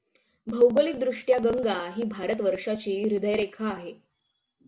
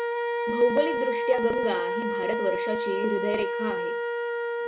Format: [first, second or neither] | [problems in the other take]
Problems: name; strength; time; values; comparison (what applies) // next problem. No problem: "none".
first | background sound (Wind instrument, woodwind instrument); 1 dB above the speech